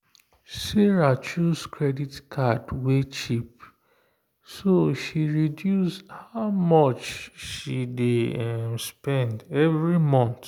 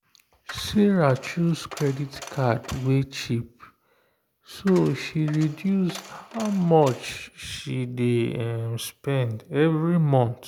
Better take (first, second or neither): first